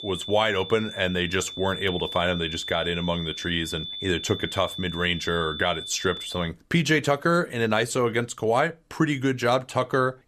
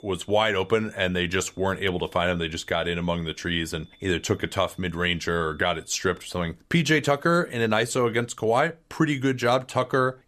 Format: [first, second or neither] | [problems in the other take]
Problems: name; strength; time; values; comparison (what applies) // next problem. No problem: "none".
second | high-pitched whine; loud; until 6.5 s; 3.5 kHz, 8 dB below the speech; faint in the second